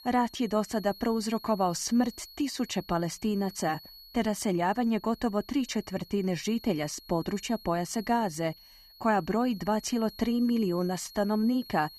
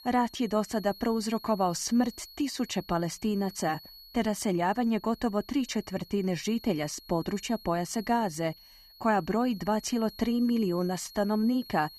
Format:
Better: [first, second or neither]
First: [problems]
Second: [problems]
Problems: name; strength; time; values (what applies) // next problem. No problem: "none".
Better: neither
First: high-pitched whine; noticeable; throughout; 4.5 kHz, 20 dB below the speech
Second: high-pitched whine; noticeable; throughout; 4.5 kHz, 20 dB below the speech